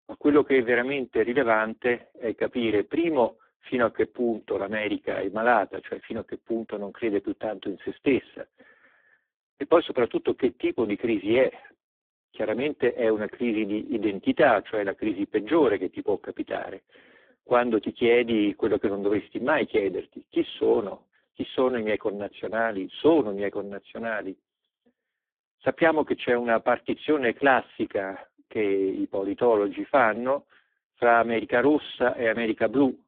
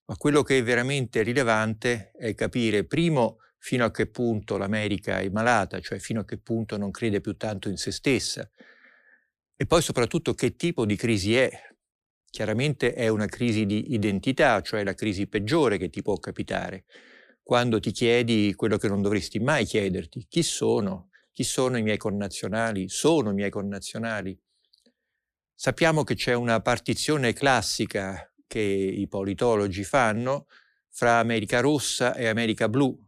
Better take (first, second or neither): second